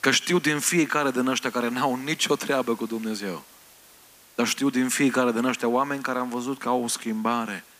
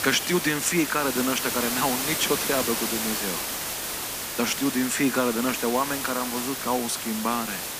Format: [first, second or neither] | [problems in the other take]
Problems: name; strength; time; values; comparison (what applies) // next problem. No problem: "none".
first | hiss; loud; throughout; 2 dB below the speech; faint in the first